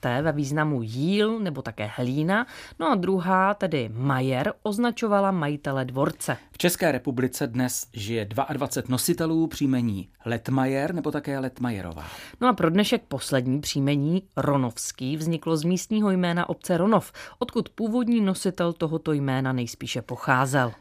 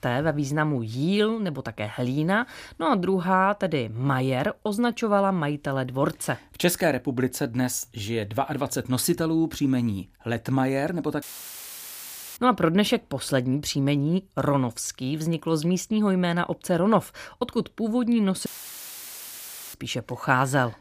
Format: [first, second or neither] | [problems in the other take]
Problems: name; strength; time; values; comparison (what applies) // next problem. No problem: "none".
first | audio cutting out; filled with static; at 11 s for 1 s and at 18 s for 1.5 s